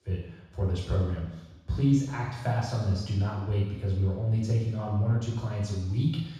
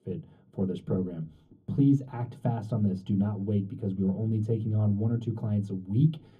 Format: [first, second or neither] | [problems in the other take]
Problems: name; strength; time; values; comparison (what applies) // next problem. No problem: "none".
second | room echo; strong; dies away in 1.1 s; slight in the second // off-mic speech; far; far in the second